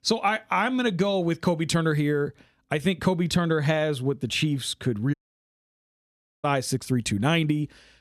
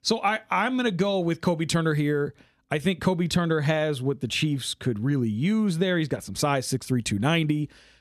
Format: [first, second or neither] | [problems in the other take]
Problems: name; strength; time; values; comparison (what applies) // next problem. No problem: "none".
second | audio cutting out; at 5 s for 1.5 s